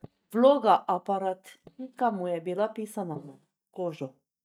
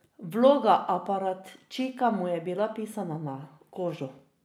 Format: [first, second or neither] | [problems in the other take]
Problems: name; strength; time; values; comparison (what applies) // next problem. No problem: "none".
second | noise reduction (neural mask model DeepFilterNet 3)